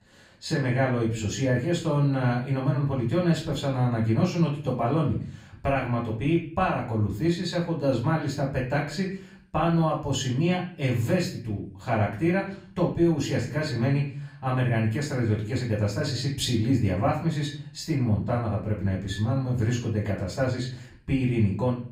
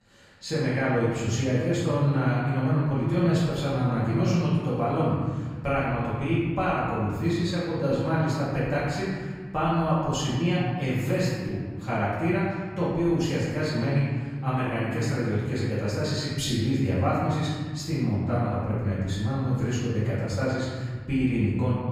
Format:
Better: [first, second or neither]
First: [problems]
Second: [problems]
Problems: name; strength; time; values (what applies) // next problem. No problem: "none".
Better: first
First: room echo; slight; dies away in 0.4 s // off-mic speech; far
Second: room echo; strong; dies away in 1.7 s // off-mic speech; far